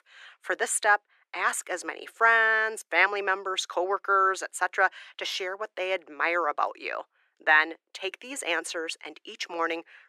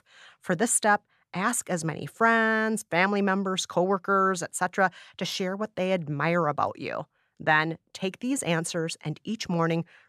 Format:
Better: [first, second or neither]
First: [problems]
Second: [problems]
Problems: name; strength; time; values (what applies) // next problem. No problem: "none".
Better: second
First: thin; very; fading below 350 Hz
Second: none